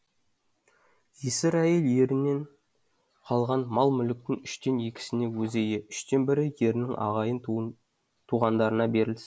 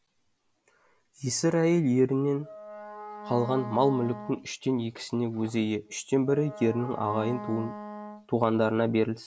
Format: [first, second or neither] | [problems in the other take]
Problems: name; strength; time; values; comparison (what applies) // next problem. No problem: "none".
first | background sound (Wind instrument, woodwind instrument); 14 dB below the speech